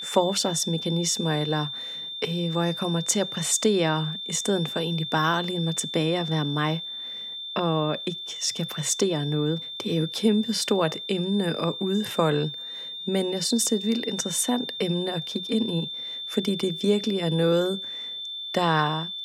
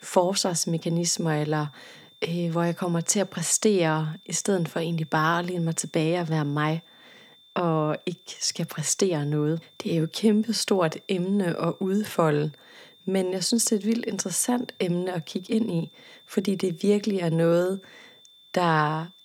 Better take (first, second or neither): second